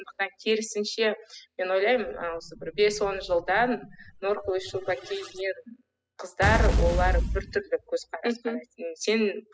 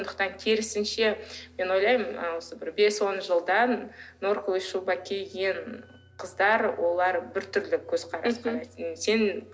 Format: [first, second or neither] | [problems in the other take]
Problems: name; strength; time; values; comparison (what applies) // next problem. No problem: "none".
second | noise reduction (classical method spectral subtraction)